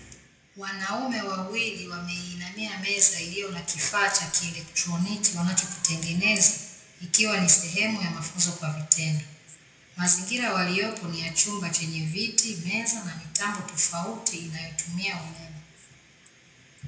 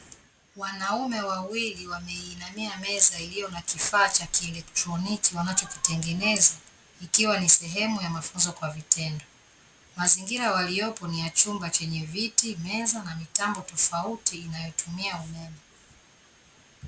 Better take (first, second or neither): second